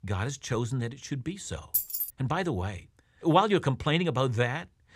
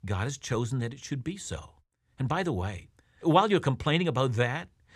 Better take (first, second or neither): second